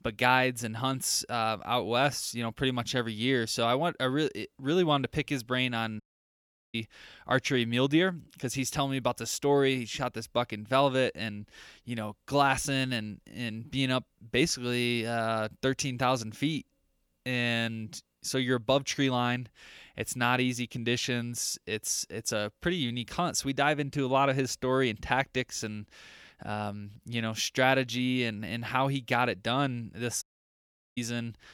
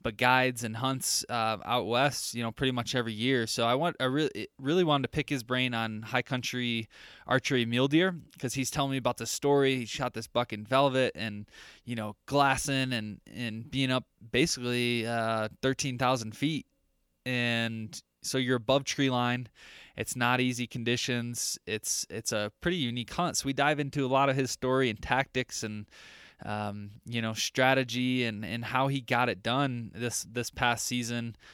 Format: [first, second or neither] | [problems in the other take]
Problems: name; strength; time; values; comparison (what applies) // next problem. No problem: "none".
second | audio cutting out; at 6 s for 0.5 s and at 30 s for 1 s